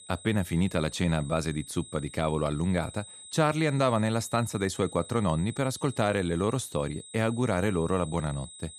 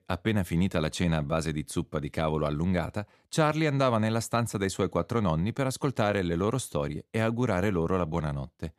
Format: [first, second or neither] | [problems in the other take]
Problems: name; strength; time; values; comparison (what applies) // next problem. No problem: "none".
second | high-pitched whine; noticeable; throughout; 8 kHz, 15 dB below the speech